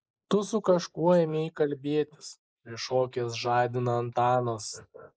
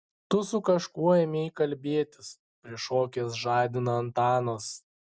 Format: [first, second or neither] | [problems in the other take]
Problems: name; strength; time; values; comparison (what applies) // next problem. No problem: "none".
second | noise reduction (neural mask model Resemble Enhance denoiser)